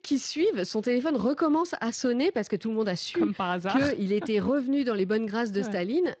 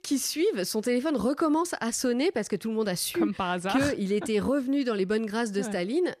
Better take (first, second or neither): second